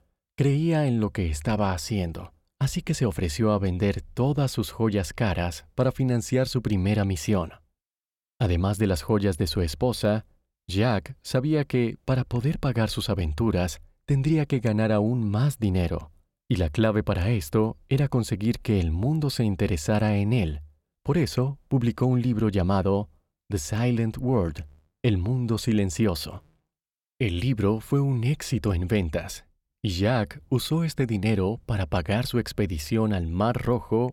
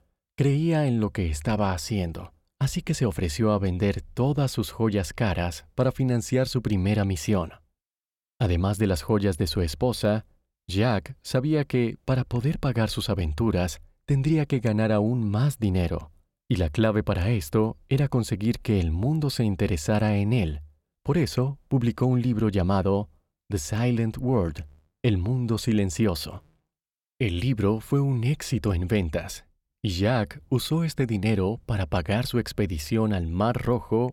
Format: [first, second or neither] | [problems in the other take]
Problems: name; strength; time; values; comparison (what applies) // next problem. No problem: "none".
neither | none